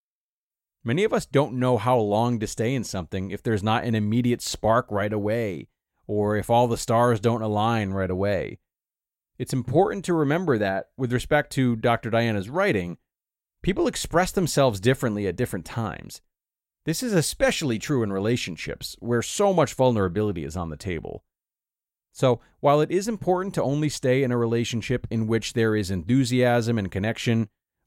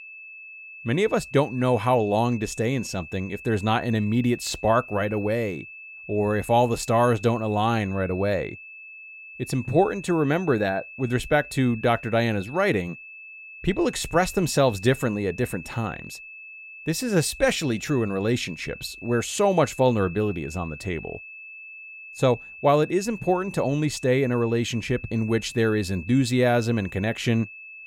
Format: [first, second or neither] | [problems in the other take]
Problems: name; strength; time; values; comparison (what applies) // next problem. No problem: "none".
first | high-pitched whine; noticeable; throughout; 2.5 kHz, 15 dB below the speech